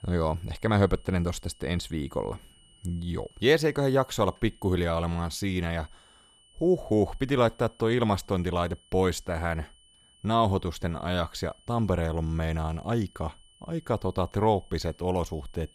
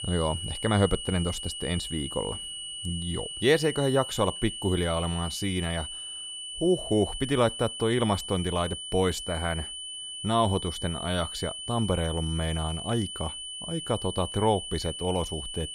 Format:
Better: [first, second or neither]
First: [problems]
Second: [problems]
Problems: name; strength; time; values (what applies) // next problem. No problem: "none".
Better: first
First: high-pitched whine; faint; throughout; 3 kHz, 30 dB below the speech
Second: high-pitched whine; loud; throughout; 3 kHz, 6 dB below the speech